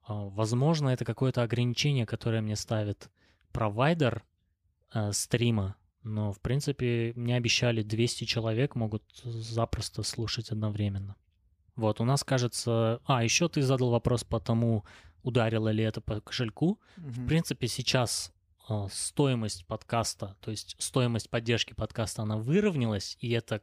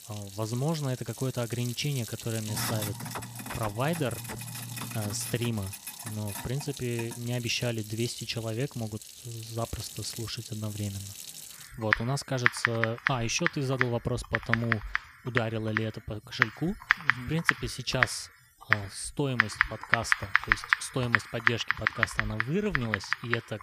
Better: first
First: none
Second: household noises; very loud; throughout; 2 dB above the speech

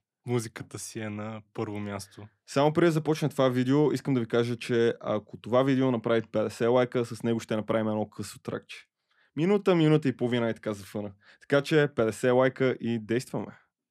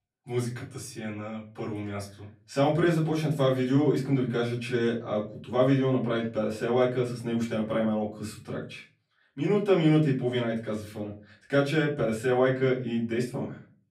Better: first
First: none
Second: off-mic speech; far // room echo; slight; dies away in 0.3 s

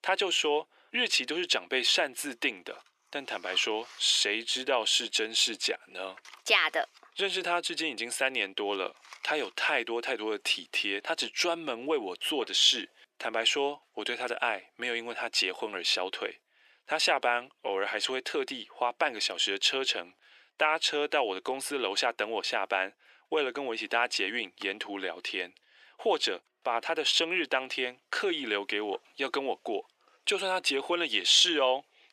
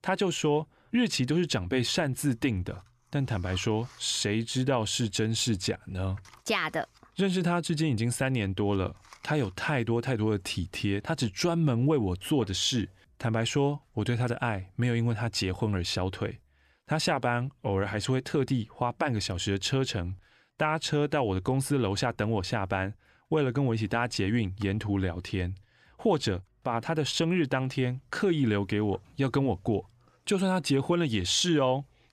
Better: second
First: thin; very; fading below 350 Hz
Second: none

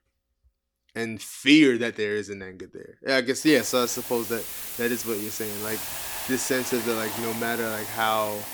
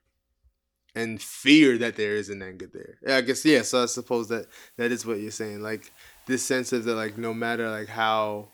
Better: second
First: hiss; loud; from 3.5 s on; 7 dB below the speech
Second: hiss; faint; from 3.5 s on; 30 dB below the speech

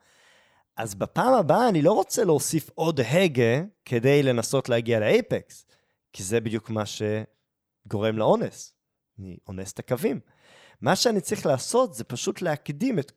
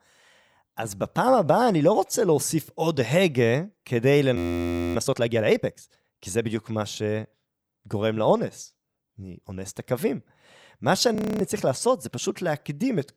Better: first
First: none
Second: audio freezing; at 4.5 s for 0.5 s and at 11 s

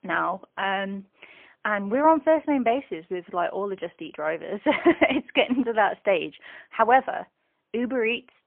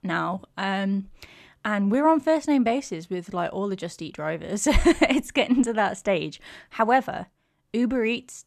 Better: second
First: phone-call audio; poor line; nothing above 3 kHz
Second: none

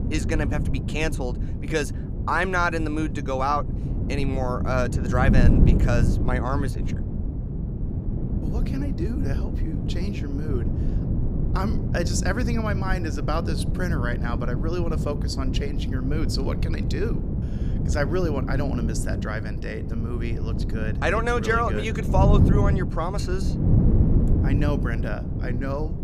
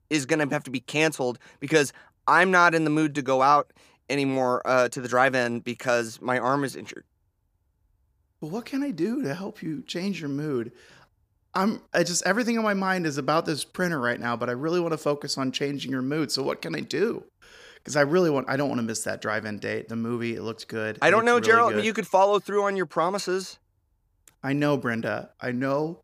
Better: second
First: wind noise on the microphone; heavy; 7 dB below the speech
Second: none

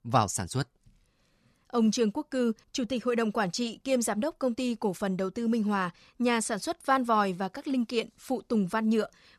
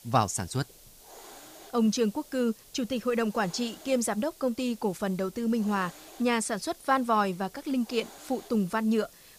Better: first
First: none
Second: hiss; faint; throughout; 20 dB below the speech

